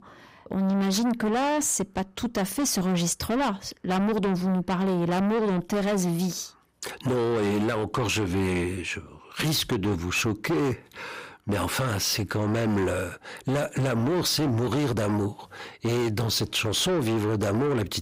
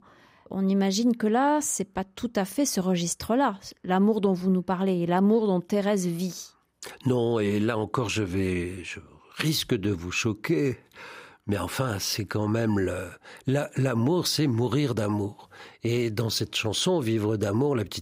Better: second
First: distortion; heavy; 7 dB below the speech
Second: none

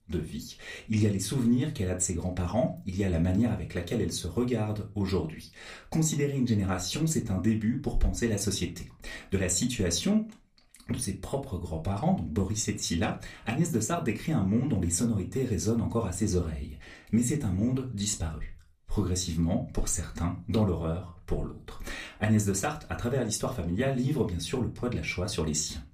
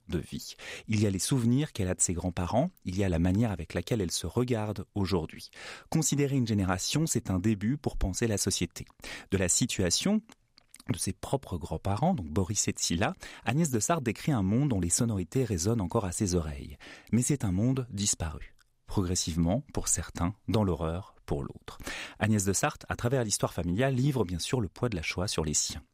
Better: second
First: off-mic speech; somewhat distant // room echo; very slight; dies away in 0.2 s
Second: none

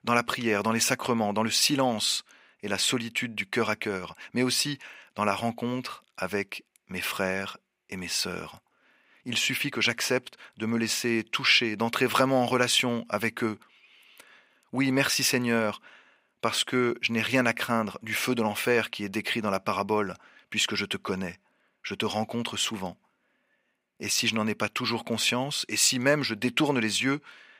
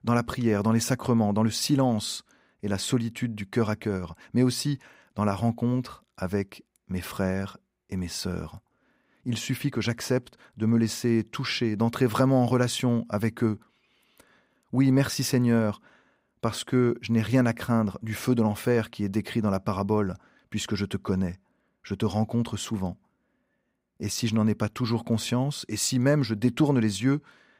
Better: second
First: thin; somewhat; fading below 650 Hz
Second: none

